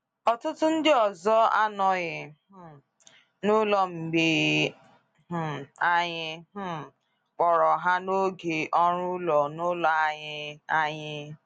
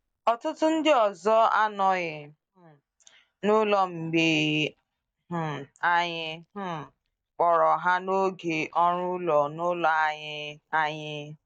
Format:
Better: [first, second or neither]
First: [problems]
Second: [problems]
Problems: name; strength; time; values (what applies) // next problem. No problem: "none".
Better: first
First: none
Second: noise reduction (neural mask model DeepFilterNet 3)